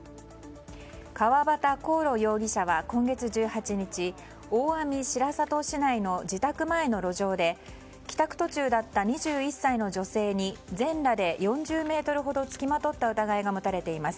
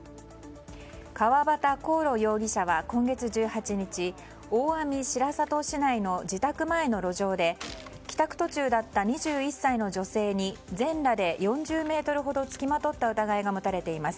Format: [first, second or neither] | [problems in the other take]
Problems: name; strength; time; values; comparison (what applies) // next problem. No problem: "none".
first | background sound (Gunshot, gunfire); 18 dB below the speech